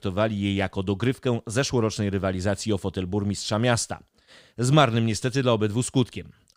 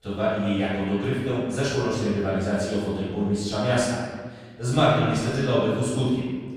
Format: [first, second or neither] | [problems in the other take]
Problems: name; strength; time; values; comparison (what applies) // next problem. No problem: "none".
first | off-mic speech; far // room echo; strong; dies away in 1.5 s